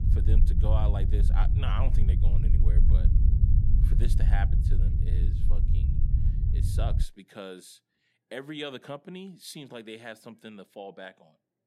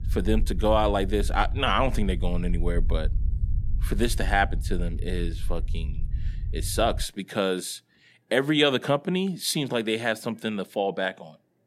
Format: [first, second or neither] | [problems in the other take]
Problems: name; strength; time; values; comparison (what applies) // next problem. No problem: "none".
second | low rumble; loud; until 7 s; 3 dB below the speech; faint in the second